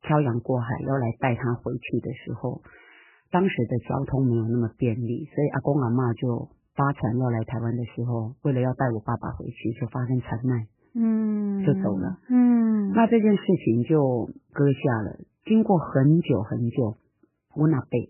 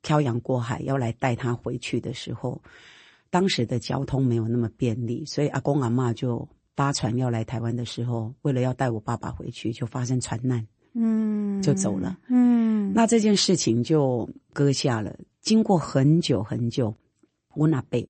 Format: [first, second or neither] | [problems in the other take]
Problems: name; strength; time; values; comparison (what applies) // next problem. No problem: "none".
second | garbled, watery; badly; nothing above 3 kHz; slightly in the second